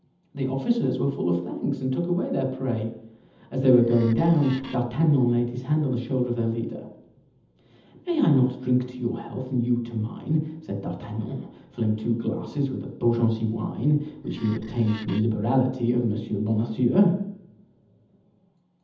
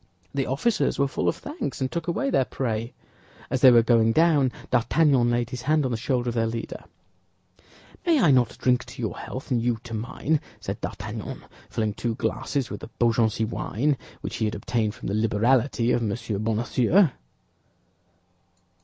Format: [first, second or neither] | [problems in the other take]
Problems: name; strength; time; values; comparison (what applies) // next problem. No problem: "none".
second | background sound (Wood); 18 dB below the speech // room echo; dies away in 0.8 s